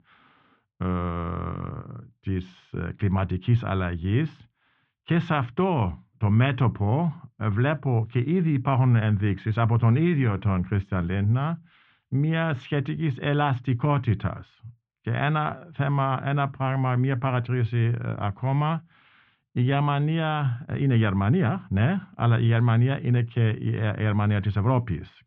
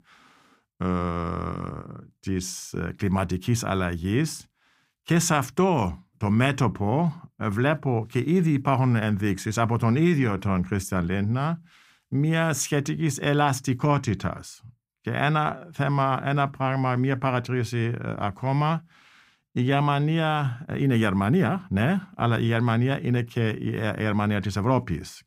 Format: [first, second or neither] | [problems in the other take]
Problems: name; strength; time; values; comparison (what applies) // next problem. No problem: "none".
second | muffled; very; fading above 3.5 kHz